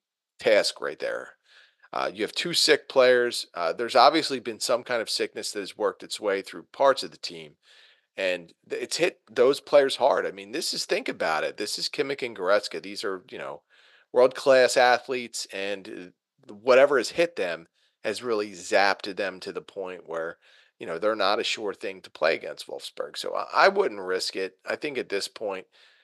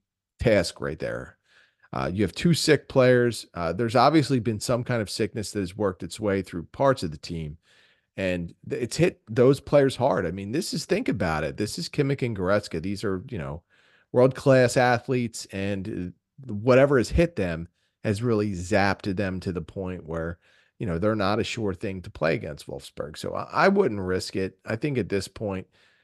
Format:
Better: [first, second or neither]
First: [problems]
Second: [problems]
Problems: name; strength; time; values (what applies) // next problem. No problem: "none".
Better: second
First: thin; very; fading below 550 Hz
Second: none